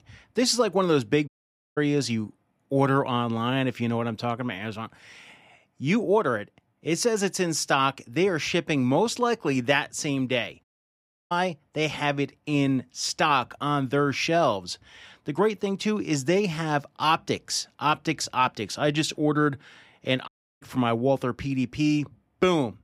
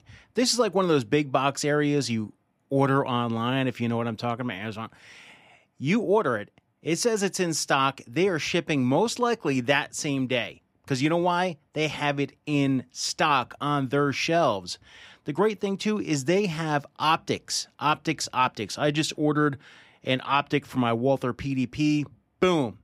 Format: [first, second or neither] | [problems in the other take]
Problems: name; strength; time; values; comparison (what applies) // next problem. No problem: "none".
second | audio cutting out; at 1.5 s, at 11 s for 0.5 s and at 20 s